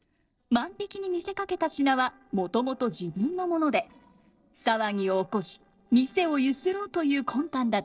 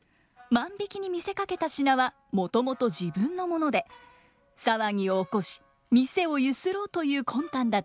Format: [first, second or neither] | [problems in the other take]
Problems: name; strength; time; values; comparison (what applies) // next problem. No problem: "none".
second | noise reduction (neural separator model SepFormer DNS4)